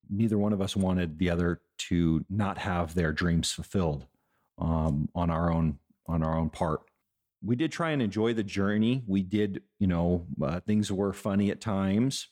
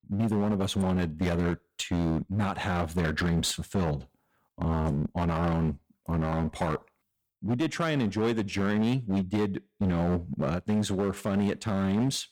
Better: first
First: none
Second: distortion; slight; 16% of the sound clipped

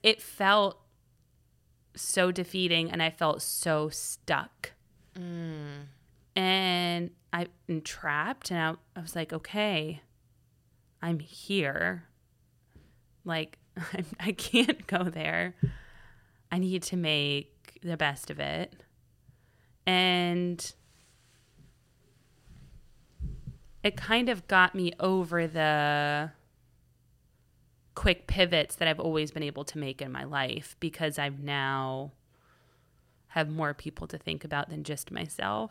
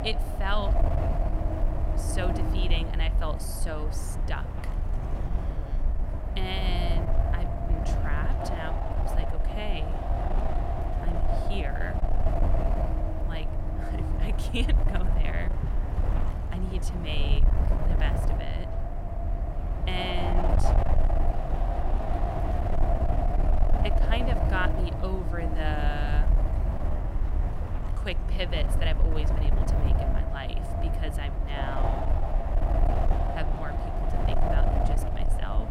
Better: first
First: none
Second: wind noise on the microphone; heavy; as loud as the speech

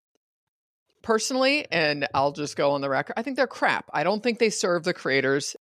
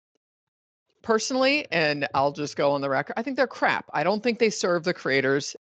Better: first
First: none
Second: garbled, watery; slightly

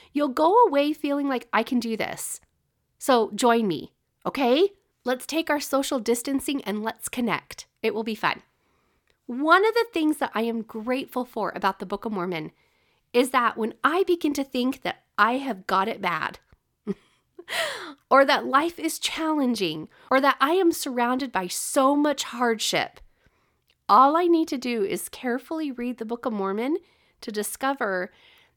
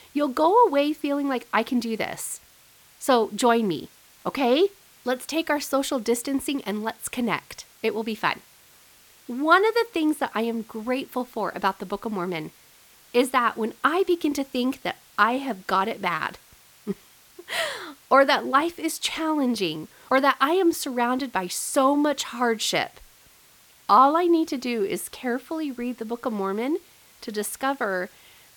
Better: first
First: none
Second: hiss; faint; throughout; 25 dB below the speech

